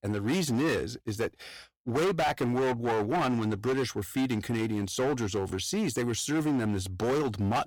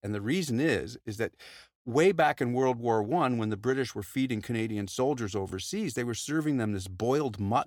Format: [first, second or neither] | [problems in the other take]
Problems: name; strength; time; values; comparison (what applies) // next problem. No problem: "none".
second | distortion; heavy; 18% of the sound clipped